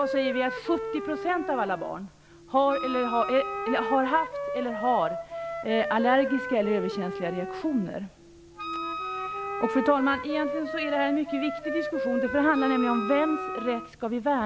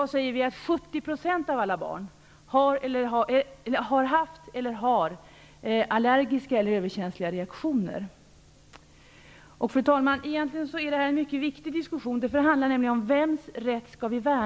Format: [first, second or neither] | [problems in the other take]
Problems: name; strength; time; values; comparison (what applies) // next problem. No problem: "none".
second | background sound (Wind instrument, woodwind instrument + Wind instrument, woodwind instrument); 6 dB below the speech